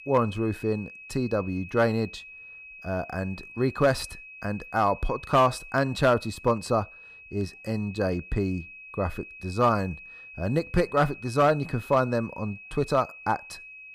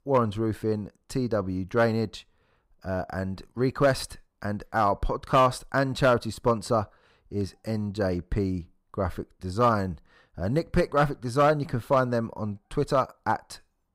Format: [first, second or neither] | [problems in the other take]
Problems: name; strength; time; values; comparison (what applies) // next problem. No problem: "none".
second | high-pitched whine; noticeable; throughout; 2.5 kHz, 15 dB below the speech